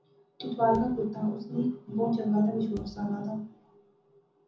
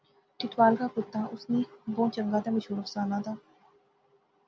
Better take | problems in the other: second | background sound (Bass drum); 20 dB below the speech // room echo; dies away in 0.6 s

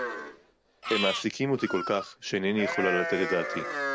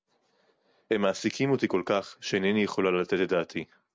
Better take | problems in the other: second | background sound (Livestock, farm animals, working animals); 4 dB below the speech

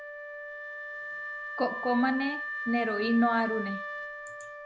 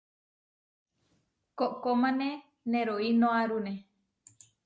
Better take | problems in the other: second | background sound (Wind instrument, woodwind instrument); 6 dB below the speech

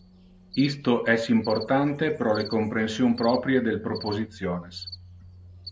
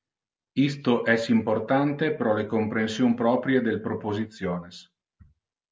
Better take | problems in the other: second | background sound (Cricket); 18 dB below the speech

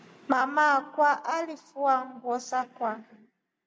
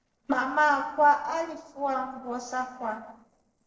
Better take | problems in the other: first | noise reduction (neural separator model SepFormer DNS4)

